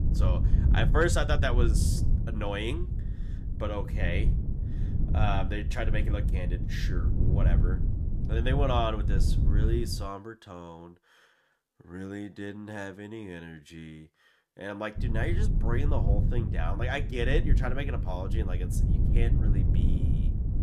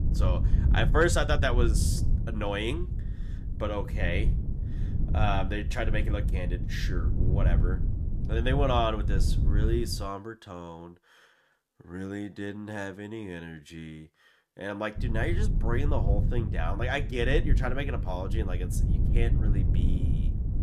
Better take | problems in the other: second | wind noise on the microphone; heavy; until 10 s and from 15 s on; 8 dB below the speech; occasional gusts in the second

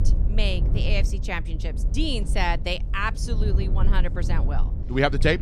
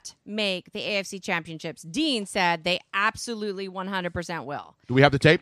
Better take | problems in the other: second | low rumble; noticeable; throughout; 15 dB below the speech

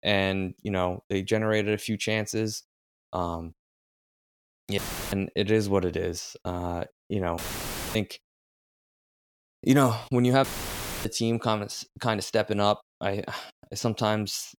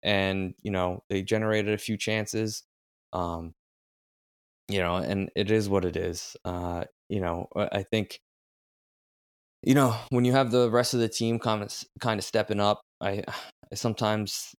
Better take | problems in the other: second | audio cutting out; filled with static; at 5 s, at 7.5 s for 0.5 s and at 10 s for 0.5 s

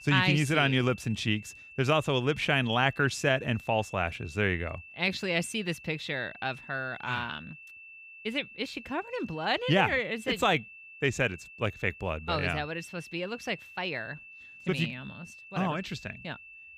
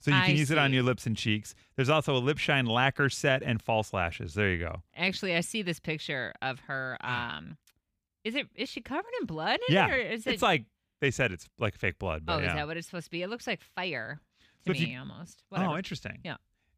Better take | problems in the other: second | high-pitched whine; noticeable; throughout; 2.5 kHz, 15 dB below the speech

